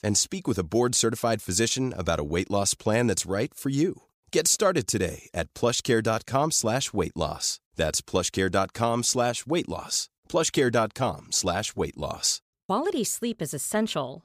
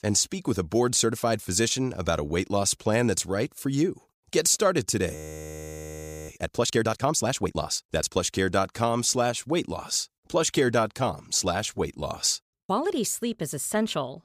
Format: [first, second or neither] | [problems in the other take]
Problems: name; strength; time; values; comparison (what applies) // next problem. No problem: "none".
first | audio freezing; at 5 s for 1 s